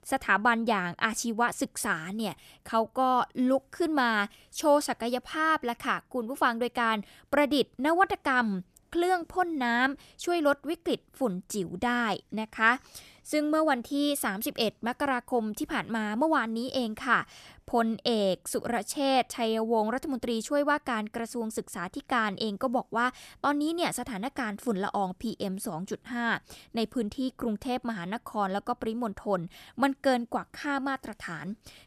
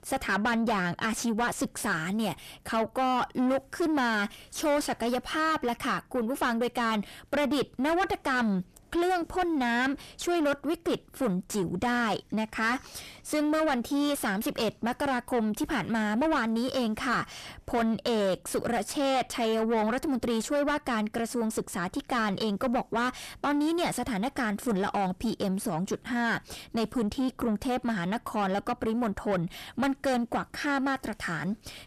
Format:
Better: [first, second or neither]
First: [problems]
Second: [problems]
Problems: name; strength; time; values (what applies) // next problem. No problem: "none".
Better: first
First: none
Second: distortion; heavy; 7 dB below the speech